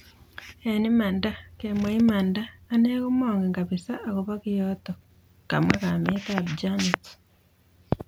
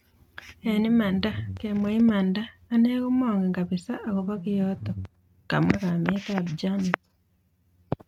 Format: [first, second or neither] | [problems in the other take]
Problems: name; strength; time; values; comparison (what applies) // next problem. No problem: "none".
first | noise reduction (neural mask model RNNoise)